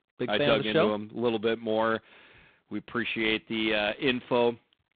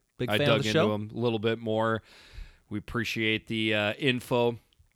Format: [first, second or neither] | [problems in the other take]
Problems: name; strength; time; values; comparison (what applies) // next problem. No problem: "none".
second | phone-call audio; poor line; nothing above 3.5 kHz